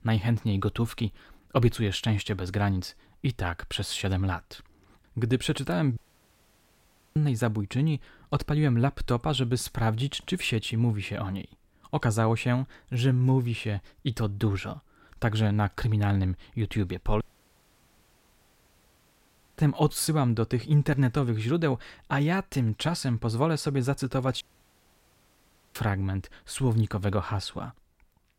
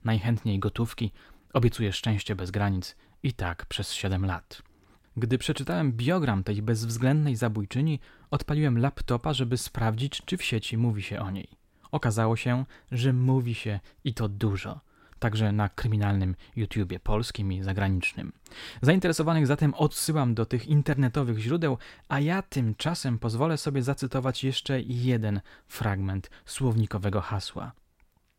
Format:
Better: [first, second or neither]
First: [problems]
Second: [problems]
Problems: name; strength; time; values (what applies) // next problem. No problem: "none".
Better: second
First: audio cutting out; at 6 s for 1 s, at 17 s for 2.5 s and at 24 s for 1.5 s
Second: none